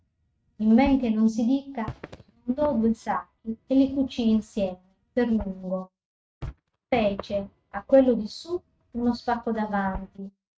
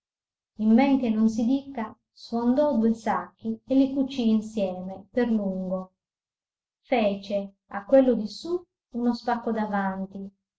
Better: second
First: noise reduction (neural mask model RNNoise)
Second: none

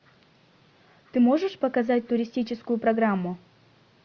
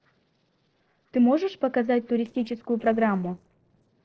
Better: first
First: none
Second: noise reduction (neural separator model SepFormer DNS4)

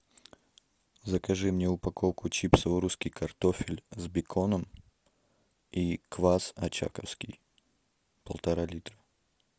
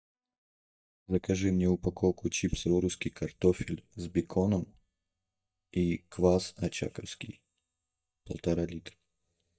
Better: first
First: none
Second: noise reduction (neural mask model DeepFilterNet 3)

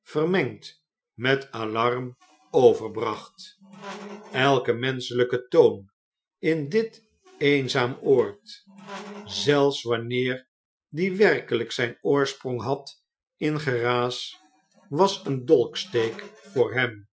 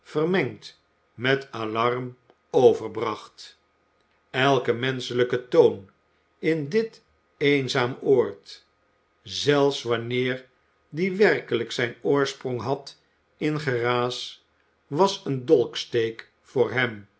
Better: second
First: noise reduction (classical method Wiener filter)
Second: none

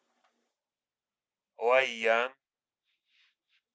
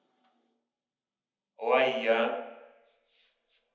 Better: first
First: none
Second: room echo; dies away in 0.8 s

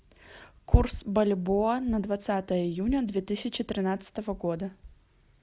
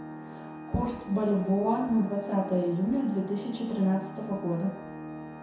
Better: first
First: none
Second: background sound (Organ); 13 dB below the speech // room echo; dies away in 0.7 s

